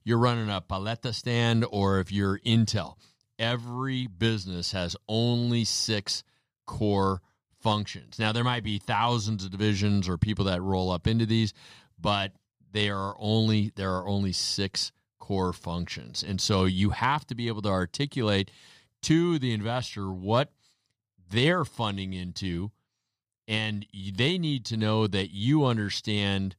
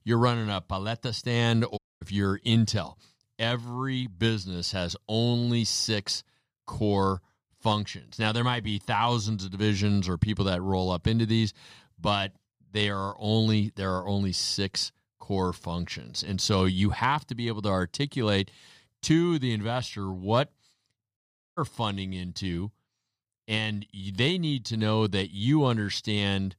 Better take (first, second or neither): first